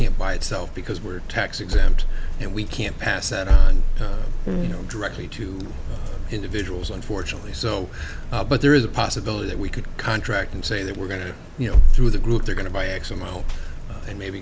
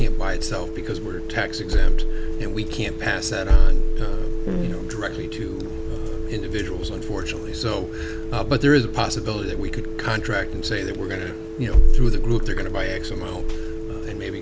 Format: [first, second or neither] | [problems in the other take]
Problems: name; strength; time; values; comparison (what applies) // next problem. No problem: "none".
first | background sound (Telephone); 12 dB below the speech